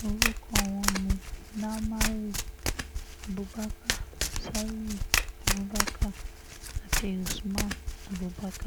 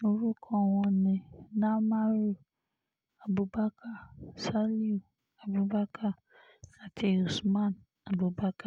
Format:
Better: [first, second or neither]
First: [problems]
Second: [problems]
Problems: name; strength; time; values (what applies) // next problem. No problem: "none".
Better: second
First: background sound (Domestic sounds, home sounds); 4 dB above the speech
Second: none